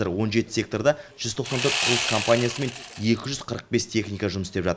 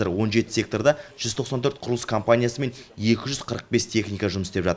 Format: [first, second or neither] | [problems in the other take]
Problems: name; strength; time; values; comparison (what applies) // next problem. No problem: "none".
second | background sound (Sawing); 3 dB below the speech